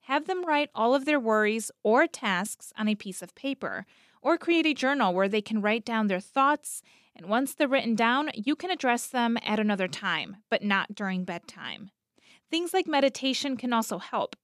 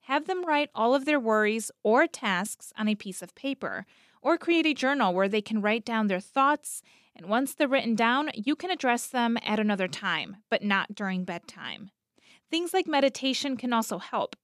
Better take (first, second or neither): neither